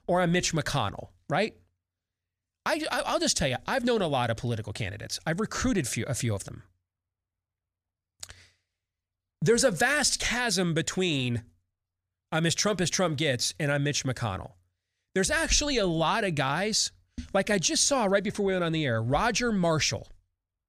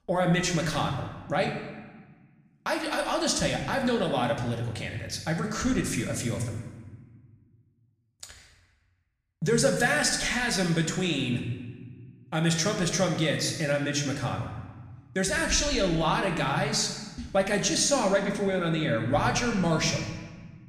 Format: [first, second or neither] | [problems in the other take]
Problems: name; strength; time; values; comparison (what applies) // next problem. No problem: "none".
first | room echo; noticeable; dies away in 1.1 s // off-mic speech; somewhat distant